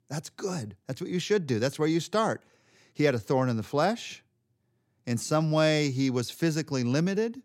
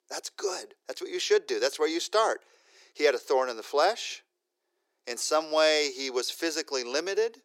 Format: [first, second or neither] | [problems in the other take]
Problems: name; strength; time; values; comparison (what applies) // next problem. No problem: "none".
first | thin; very; fading below 400 Hz